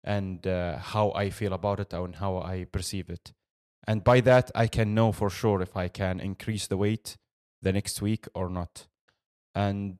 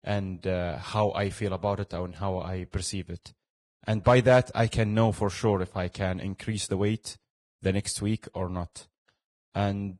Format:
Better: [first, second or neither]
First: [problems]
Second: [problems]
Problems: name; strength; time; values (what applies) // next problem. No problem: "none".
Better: first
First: none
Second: garbled, watery; badly; nothing above 10 kHz